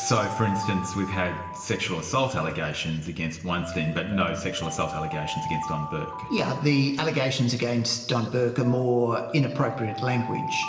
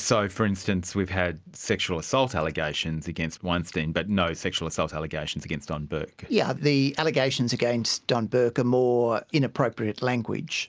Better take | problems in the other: second | background sound (Alarm); 10 dB below the speech // room echo; dies away in 1.2 s

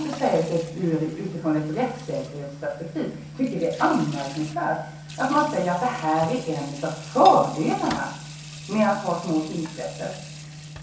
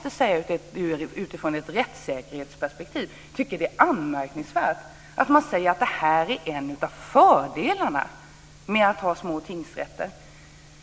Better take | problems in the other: second | background sound (Sink (filling or washing) / Water tap, faucet); 17 dB below the speech // room echo; dies away in 0.6 s

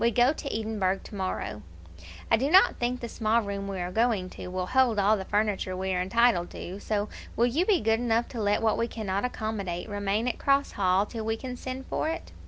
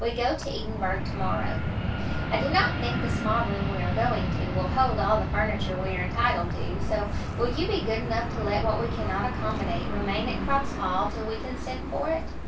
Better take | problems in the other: first | background sound (Fixed-wing aircraft, airplane); 2 dB below the speech // room echo; dies away in 0.2 s

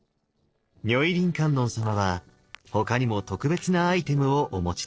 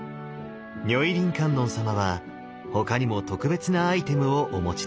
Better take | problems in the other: second | noise reduction (neural separator model SepFormer DNS4)

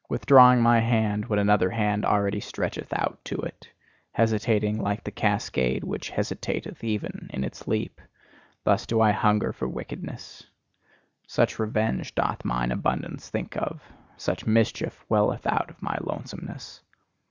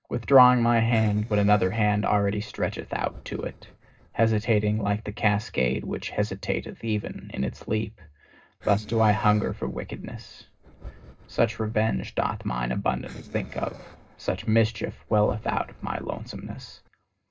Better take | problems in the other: first | noise reduction (neural separator model SepFormer DNS4)

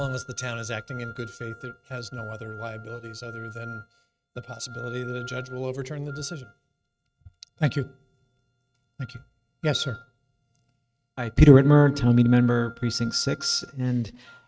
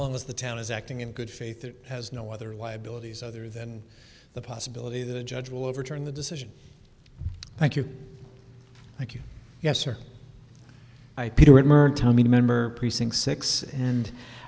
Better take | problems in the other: second | noise reduction (neural mask model RNNoise)

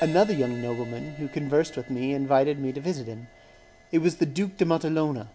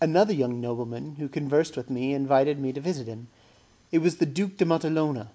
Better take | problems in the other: second | background sound (Crash cymbal); 20 dB below the speech

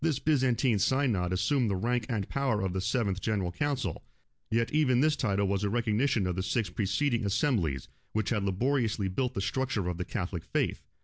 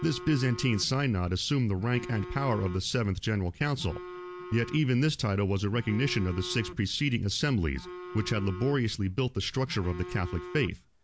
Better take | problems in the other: first | background sound (Telephone); 15 dB below the speech

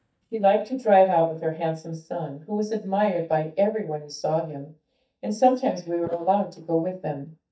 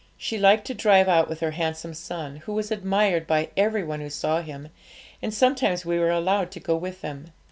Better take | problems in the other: second | noise reduction (neural mask model DeepFilterNet 3)

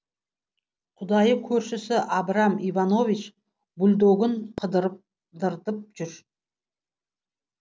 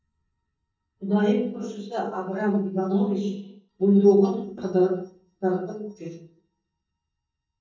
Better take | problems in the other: first | noise reduction (neural mask model DeepFilterNet 3)

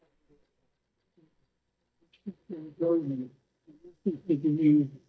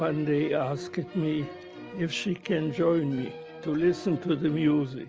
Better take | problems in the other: second | noise reduction (neural mask model DeepFilterNet 3)

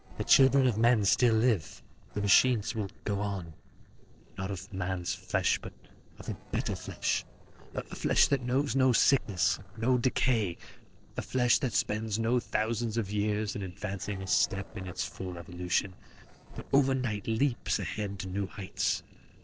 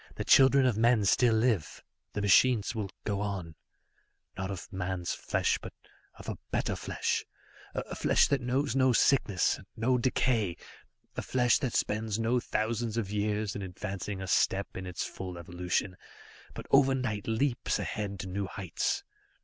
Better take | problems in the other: second | noise reduction (neural separator model SepFormer DNS4)

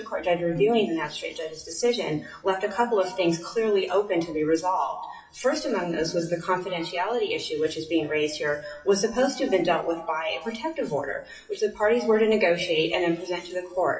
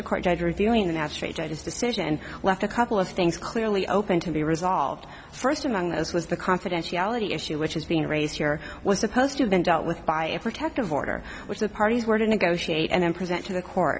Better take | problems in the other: second | noise reduction (classical method WPE with log-MMSE)

